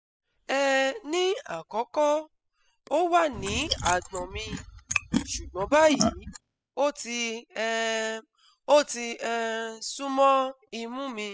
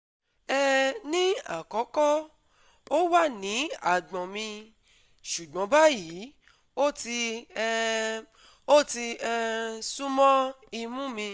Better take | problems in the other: second | noise reduction (classical method spectral subtraction)

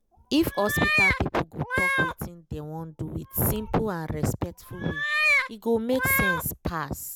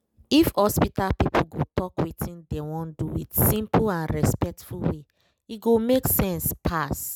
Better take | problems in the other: second | background sound (Meow); 1 dB below the speech

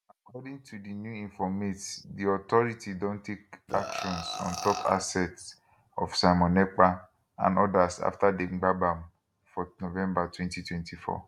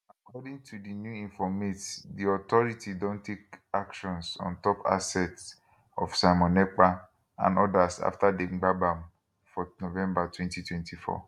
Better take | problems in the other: second | background sound (Burping, eructation); 7 dB below the speech

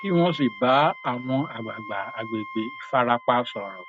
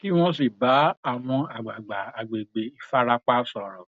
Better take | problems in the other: second | background sound (Wind instrument, woodwind instrument); 16 dB below the speech

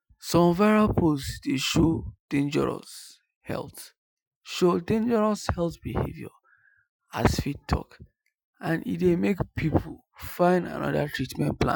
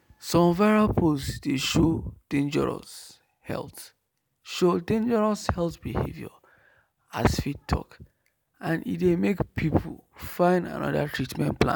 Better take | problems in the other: second | noise reduction (classical method Wiener filter)

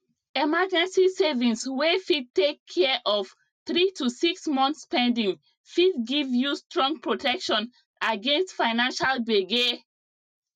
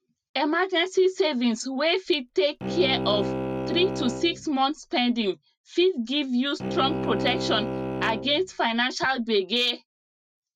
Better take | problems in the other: first | background sound (Bowed string instrument); 6 dB below the speech

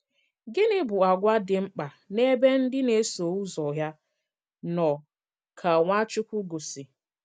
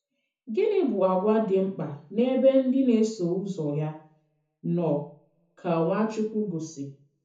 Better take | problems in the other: first | room echo; dies away in 0.6 s

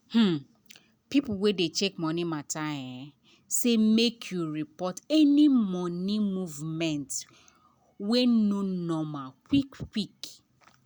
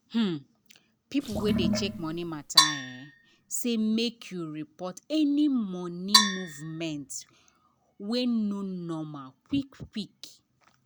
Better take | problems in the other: first | background sound (Sink (filling or washing) / Water + Percussion); 3 dB above the speech

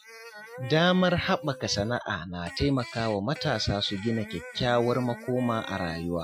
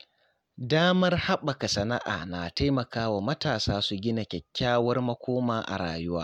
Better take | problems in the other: second | noise reduction (classical method Wiener filter)

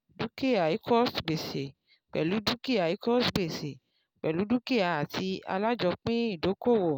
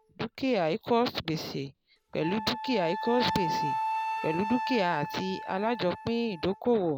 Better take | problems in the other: first | background sound (Wind instrument, woodwind instrument); 6 dB below the speech

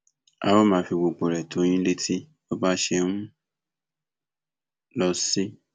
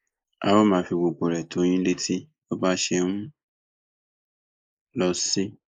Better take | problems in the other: first | noise reduction (neural mask model Resemble Enhance denoiser)

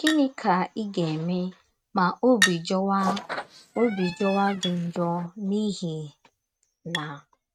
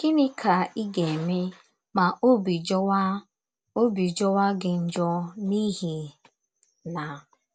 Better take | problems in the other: second | noise reduction (neural mask model RNNoise)

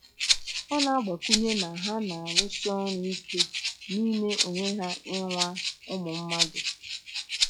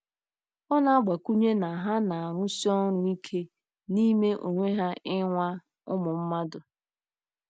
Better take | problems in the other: second | noise reduction (classical method log-MMSE)

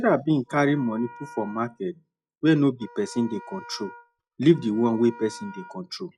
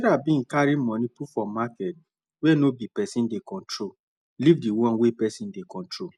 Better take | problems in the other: second | noise reduction (classical method log-MMSE)

